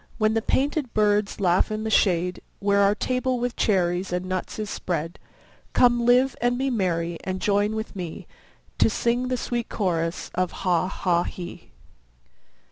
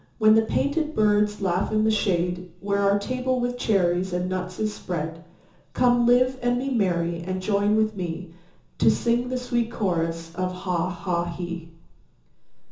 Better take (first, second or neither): first